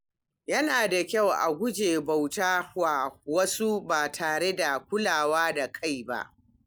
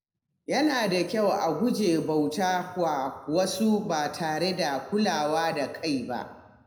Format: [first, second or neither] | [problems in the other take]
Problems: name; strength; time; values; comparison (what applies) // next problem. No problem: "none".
first | room echo; dies away in 0.7 s